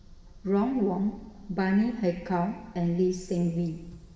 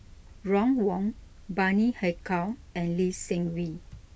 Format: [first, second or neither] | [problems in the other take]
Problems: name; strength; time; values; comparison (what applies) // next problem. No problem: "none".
second | room echo; dies away in 1.6 s